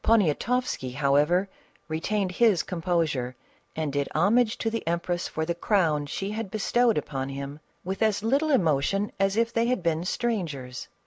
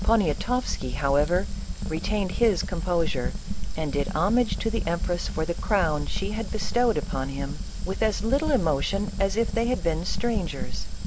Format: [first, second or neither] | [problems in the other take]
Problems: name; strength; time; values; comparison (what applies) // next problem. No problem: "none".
first | background sound (Fire); 1 dB below the speech